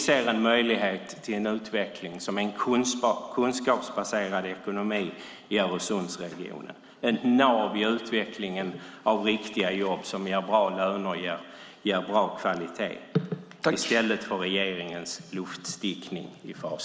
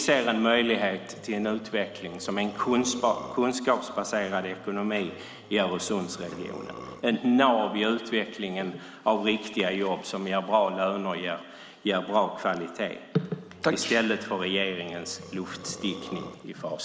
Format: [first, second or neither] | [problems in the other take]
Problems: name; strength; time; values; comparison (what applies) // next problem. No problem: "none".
first | background sound (Burping, eructation); 17 dB below the speech